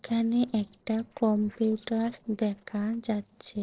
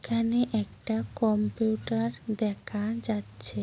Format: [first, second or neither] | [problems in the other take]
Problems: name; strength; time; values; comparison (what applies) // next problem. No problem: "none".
second | noise reduction (neural separator model SepFormer DNS4)